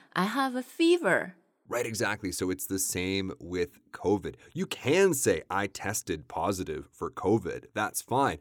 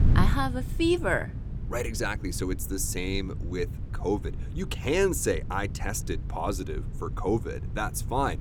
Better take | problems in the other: first | wind noise on the microphone; occasional gusts; 15 dB below the speech

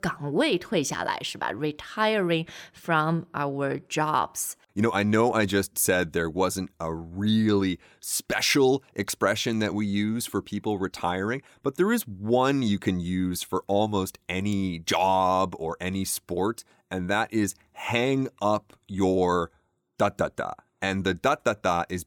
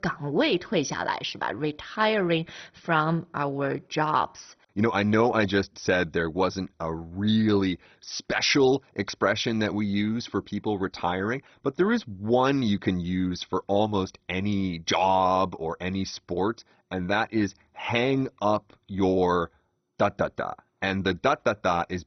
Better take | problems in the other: first | garbled, watery; badly; nothing above 6 kHz

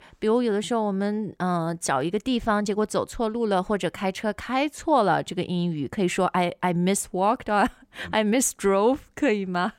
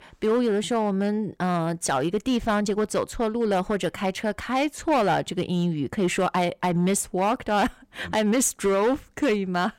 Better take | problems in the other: first | distortion; slight; 7% of the sound clipped

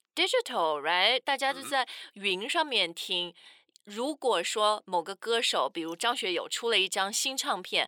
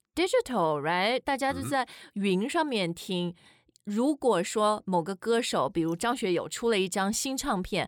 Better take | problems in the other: second | thin; somewhat; fading below 450 Hz

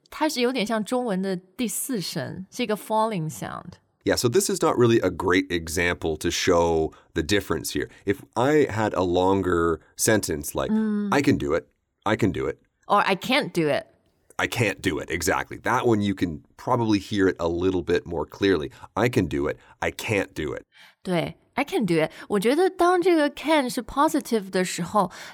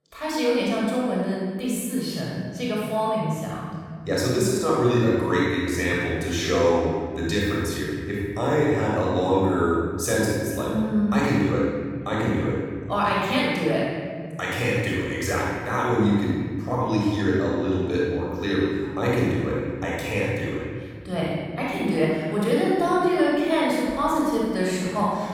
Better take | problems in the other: first | room echo; strong; dies away in 2.4 s // off-mic speech; far

